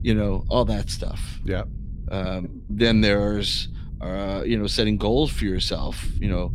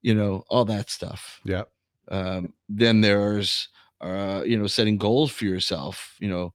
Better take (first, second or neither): second